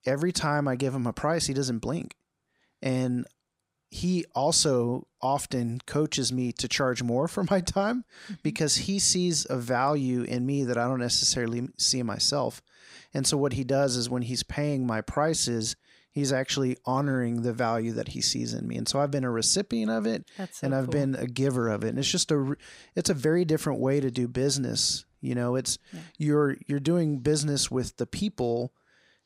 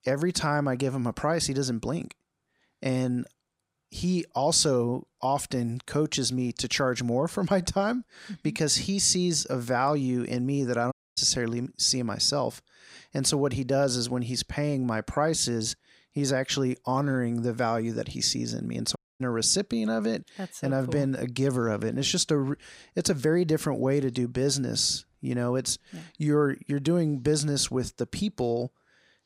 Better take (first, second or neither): first